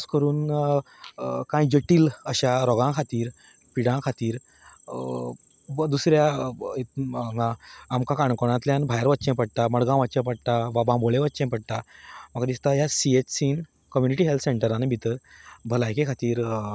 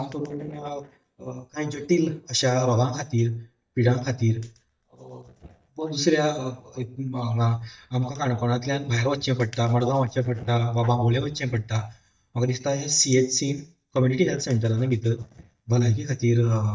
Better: first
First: none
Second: noise reduction (neural mask model DeepFilterNet 3)

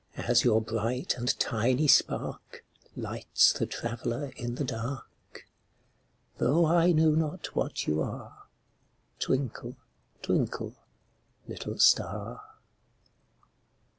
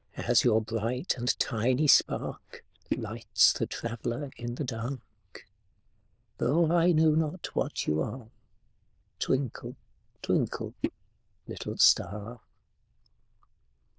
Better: first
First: none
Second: noise reduction (neural diffusion model UNIVERSE++)

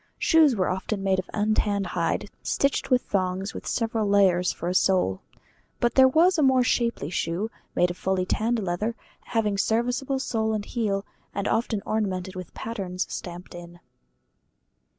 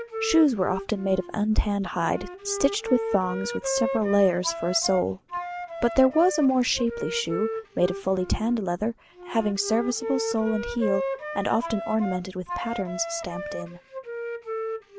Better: first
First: none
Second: background sound (Wind instrument, woodwind instrument); 8 dB below the speech

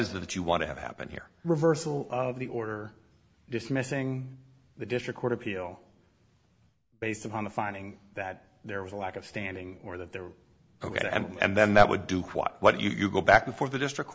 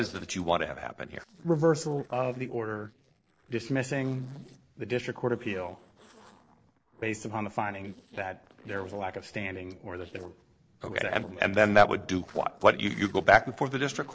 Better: first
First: none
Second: noise reduction (neural separator model SepFormer DNS4)

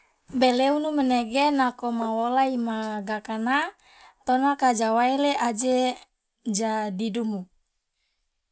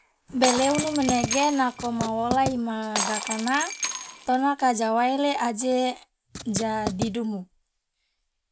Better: first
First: none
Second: background sound (Shatter + Writing); 5 dB below the speech

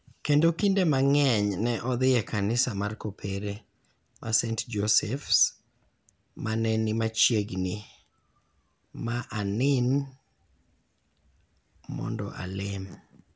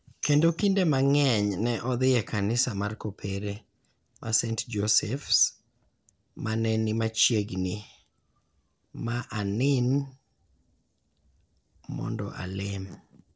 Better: first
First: none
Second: noise reduction (neural separator model SepFormer DNS4)

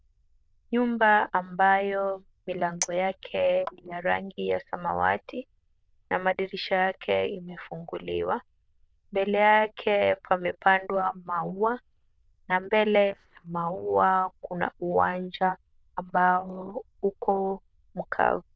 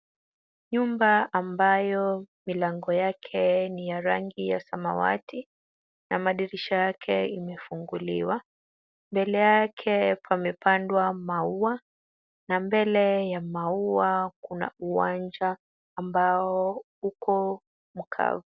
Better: second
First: noise reduction (neural diffusion model UNIVERSE++)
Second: none

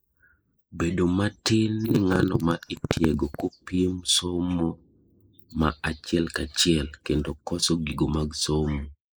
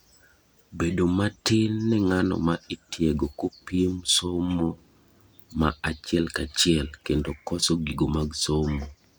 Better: second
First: noise reduction (neural mask model Resemble Enhance denoiser)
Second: none

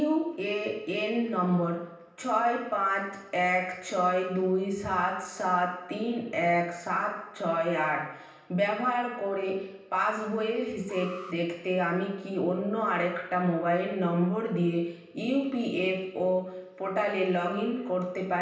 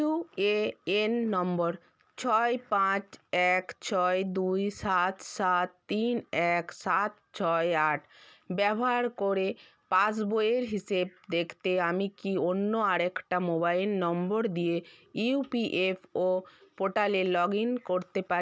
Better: second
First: background sound (Alarm); 20 dB below the speech // room echo; dies away in 0.9 s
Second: none

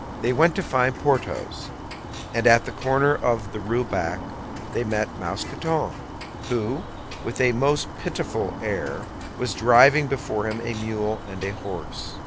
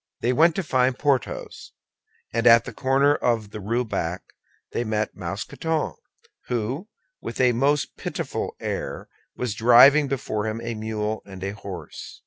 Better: second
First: background sound (Bird); 10 dB below the speech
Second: none

